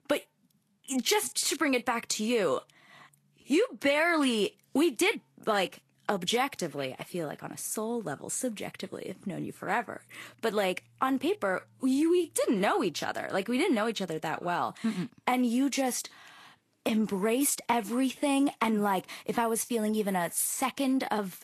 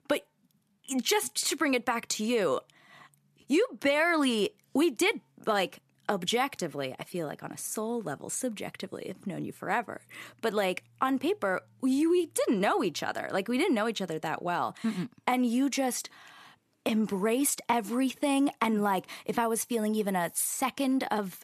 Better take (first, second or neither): second